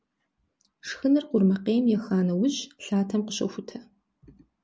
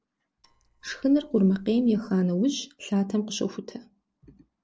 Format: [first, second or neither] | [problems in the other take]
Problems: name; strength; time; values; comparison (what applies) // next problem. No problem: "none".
first | noise reduction (neural separator model SepFormer DNS4)